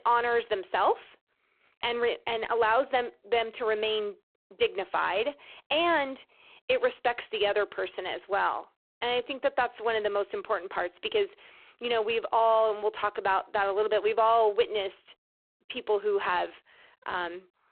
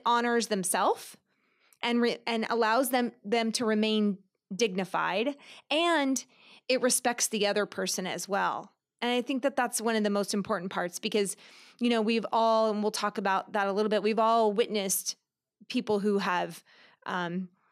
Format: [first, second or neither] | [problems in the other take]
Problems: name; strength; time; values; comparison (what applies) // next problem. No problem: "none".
second | phone-call audio; poor line